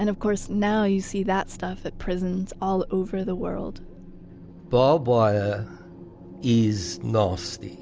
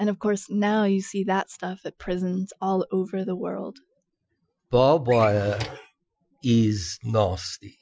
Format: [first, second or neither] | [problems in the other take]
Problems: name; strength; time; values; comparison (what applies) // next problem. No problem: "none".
first | noise reduction (classical method Wiener filter)